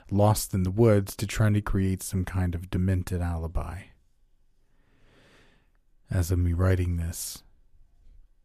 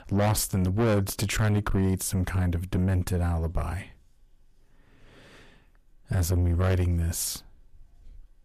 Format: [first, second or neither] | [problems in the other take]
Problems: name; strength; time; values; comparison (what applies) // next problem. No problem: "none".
first | distortion; heavy; 7 dB below the speech